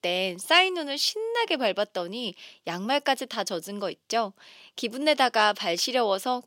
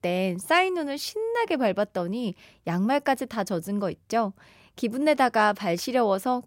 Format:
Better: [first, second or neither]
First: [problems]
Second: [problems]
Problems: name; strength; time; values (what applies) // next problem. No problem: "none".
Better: second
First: thin; very slightly; fading below 300 Hz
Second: none